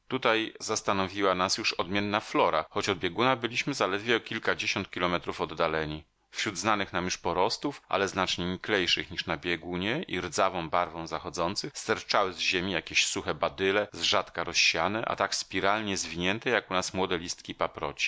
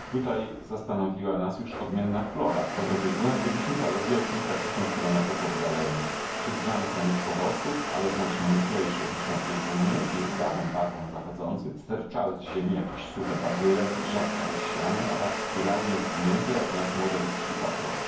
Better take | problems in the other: first | background sound (Domestic sounds, home sounds); 3 dB below the speech // room echo; dies away in 0.9 s

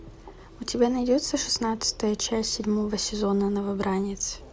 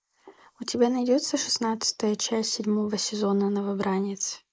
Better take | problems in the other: first | noise reduction (neural mask model Resemble Enhance denoiser)

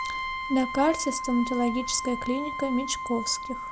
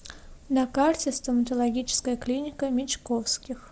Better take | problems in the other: second | background sound (Brass instrument); 6 dB below the speech

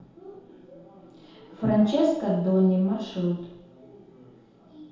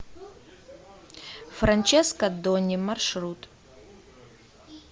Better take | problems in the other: second | room echo; dies away in 0.8 s

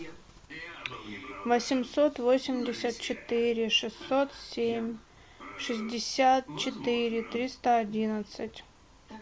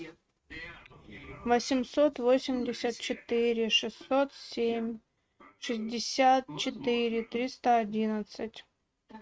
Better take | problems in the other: first | noise reduction (neural mask model RNNoise)

